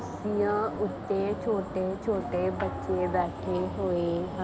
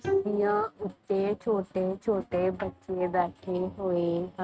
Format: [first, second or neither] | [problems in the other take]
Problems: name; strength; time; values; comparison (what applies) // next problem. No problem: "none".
first | noise reduction (neural mask model RNNoise)